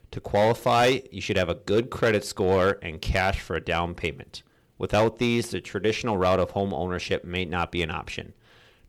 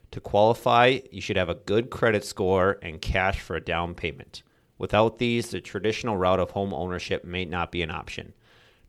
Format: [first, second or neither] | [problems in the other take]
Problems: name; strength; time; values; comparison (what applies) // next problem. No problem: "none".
second | distortion; slight; 3% of the sound clipped